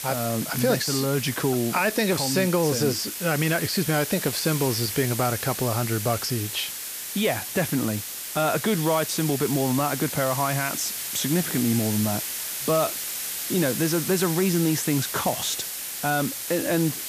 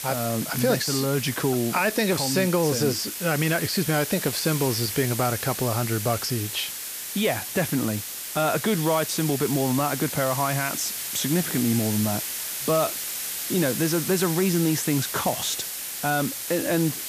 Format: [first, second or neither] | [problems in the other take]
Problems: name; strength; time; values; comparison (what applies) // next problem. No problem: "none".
neither | hiss; loud; throughout; 4 dB below the speech; the same in both